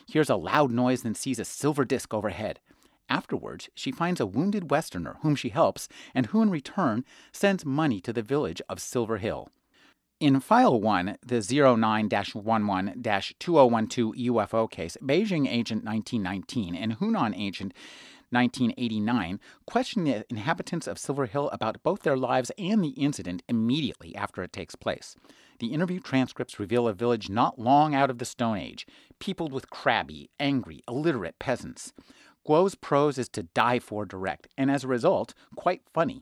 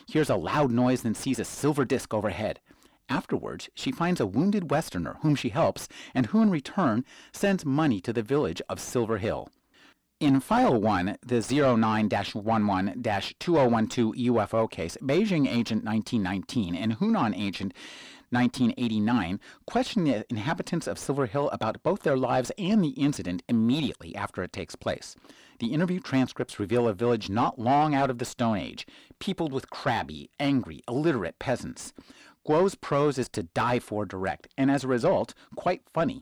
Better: first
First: none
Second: distortion; slight; 10 dB below the speech

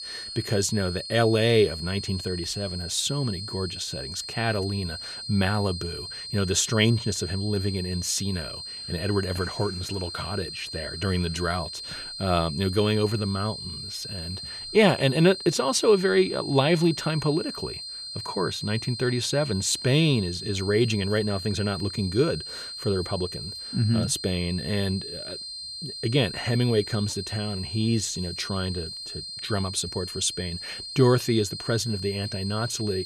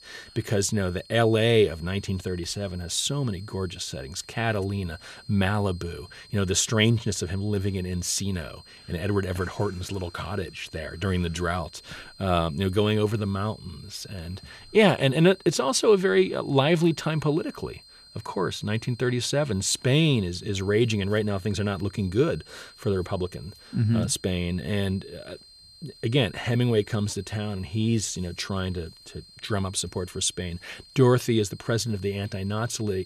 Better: second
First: high-pitched whine; loud; throughout; 4 kHz, 8 dB below the speech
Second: high-pitched whine; faint; throughout; 4 kHz, 25 dB below the speech

